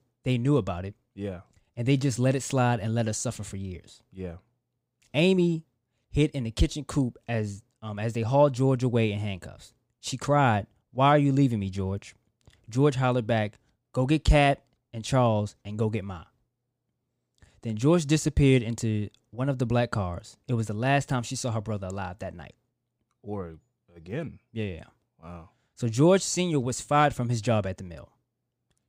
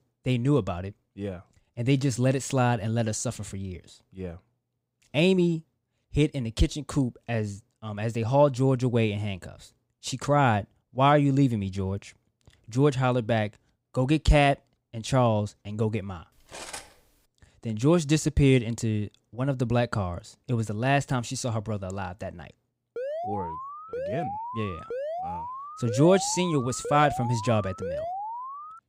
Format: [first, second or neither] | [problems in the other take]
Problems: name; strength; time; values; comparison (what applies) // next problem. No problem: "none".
first | clattering dishes; faint; at 17 s; peak 10 dB below the speech // alarm; noticeable; from 23 s on; peak 6 dB below the speech